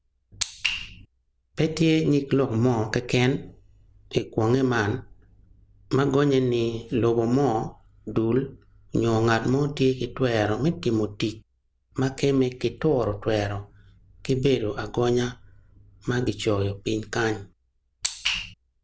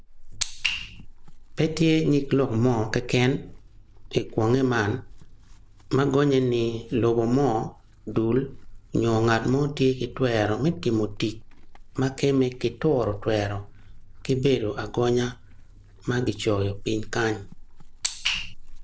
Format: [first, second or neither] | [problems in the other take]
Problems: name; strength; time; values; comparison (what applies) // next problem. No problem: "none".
first | background sound (Chewing, mastication / Livestock, farm animals, working animals); 15 dB below the speech